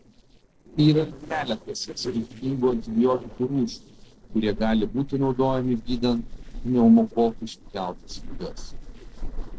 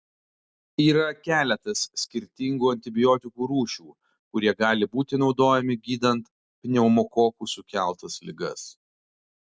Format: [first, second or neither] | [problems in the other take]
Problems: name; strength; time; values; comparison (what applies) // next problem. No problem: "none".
second | noise reduction (neural separator model SepFormer DNS4)